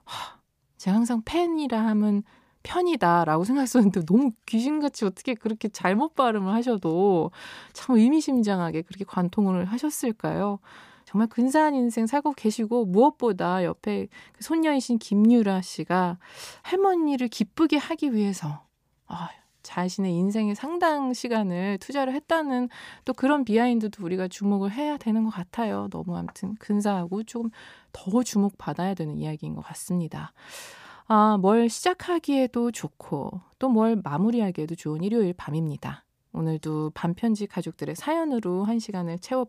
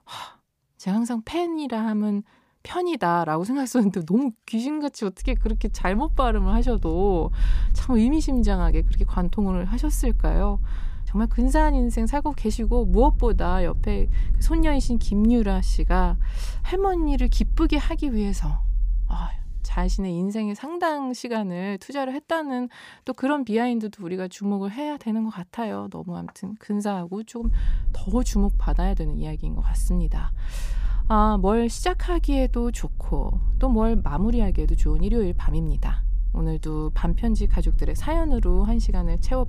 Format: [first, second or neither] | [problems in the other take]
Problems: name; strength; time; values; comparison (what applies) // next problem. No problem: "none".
first | low rumble; faint; from 5 to 20 s and from 27 s on; 25 dB below the speech